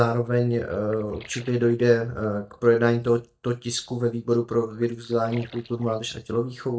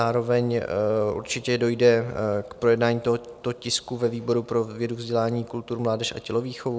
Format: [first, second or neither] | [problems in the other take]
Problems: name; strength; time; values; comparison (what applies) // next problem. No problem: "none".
second | noise reduction (neural mask model DeepFilterNet 3)